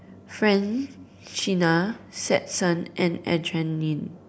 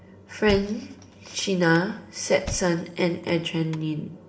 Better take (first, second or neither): first